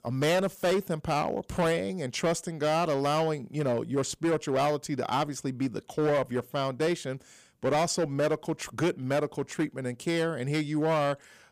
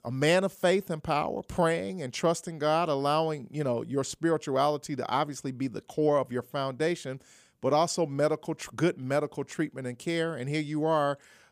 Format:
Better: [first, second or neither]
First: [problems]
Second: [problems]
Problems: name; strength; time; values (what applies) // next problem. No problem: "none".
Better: second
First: distortion; slight; 10% of the sound clipped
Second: none